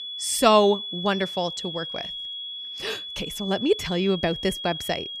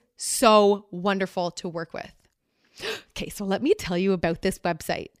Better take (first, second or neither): second